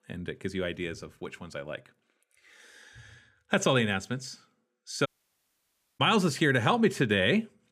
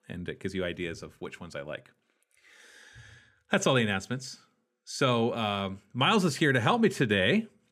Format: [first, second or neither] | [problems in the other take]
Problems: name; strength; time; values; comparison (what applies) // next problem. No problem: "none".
second | audio cutting out; at 5 s for 1 s